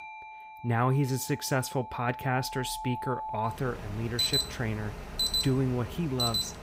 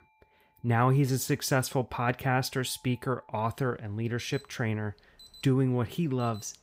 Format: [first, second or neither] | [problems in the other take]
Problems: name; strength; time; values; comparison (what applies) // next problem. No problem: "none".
second | alarms or sirens; loud; throughout; 1 dB below the speech; faint in the second